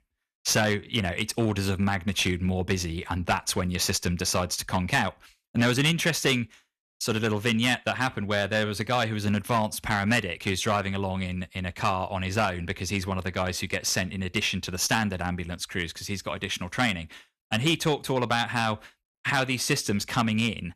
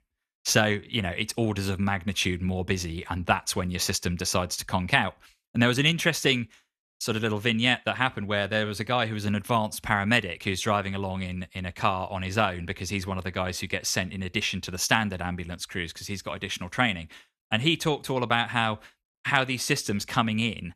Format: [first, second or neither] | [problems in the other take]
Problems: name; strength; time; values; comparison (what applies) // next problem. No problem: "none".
second | distortion; slight; 3% of the sound clipped